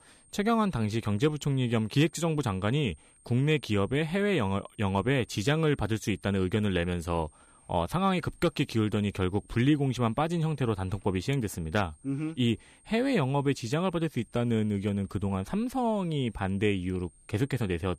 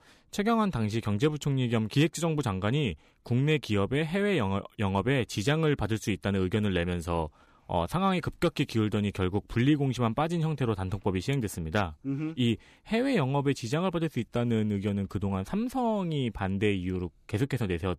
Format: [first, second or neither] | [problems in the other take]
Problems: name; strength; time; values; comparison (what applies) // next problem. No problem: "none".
second | high-pitched whine; faint; throughout; 8.5 kHz, 30 dB below the speech